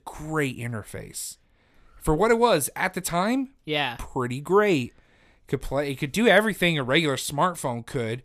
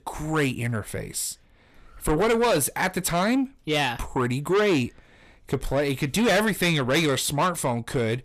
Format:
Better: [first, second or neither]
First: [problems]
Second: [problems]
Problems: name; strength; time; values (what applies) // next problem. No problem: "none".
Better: first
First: none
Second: distortion; heavy; 7 dB below the speech